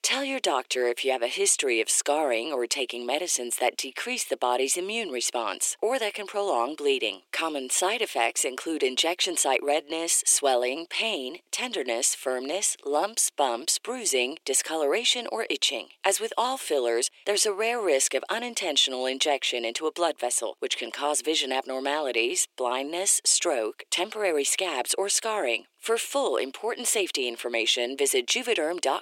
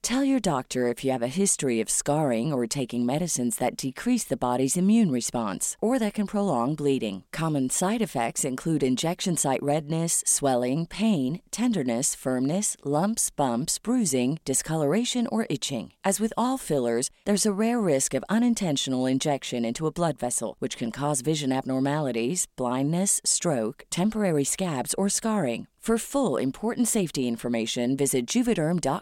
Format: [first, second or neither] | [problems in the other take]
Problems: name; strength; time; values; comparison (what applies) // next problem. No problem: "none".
second | thin; very; fading below 350 Hz